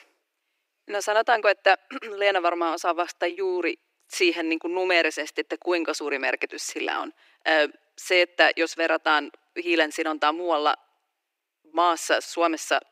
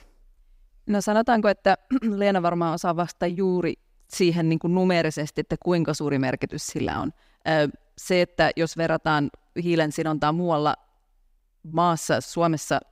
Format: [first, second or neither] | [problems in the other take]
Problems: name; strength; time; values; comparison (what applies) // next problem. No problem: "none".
second | thin; very; fading below 300 Hz